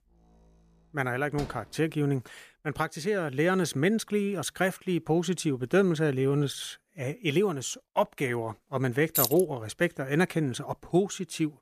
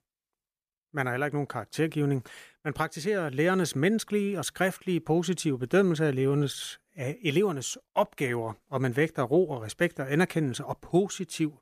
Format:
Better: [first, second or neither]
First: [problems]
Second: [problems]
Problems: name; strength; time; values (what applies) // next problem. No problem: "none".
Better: second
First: door banging; faint; at 1.5 s; peak 15 dB below the speech // jangling keys; loud; at 9 s; peak 2 dB above the speech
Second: none